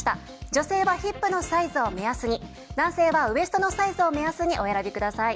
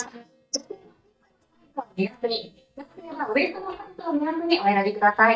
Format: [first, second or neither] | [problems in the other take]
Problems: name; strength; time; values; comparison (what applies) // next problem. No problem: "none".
first | noise reduction (neural mask model DeepFilterNet 3)